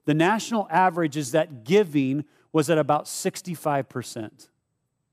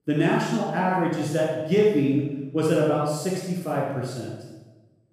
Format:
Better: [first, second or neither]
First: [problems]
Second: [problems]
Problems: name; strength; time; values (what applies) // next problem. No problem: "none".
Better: first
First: none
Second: off-mic speech; far // room echo; strong; dies away in 1 s